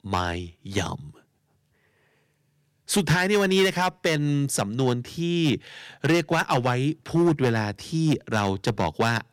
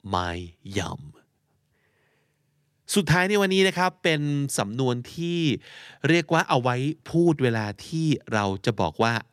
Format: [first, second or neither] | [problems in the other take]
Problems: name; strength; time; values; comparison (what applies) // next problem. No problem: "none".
second | distortion; slight; 4% of the sound clipped